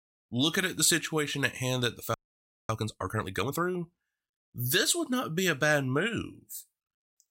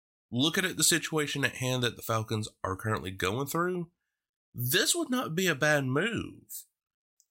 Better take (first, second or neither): second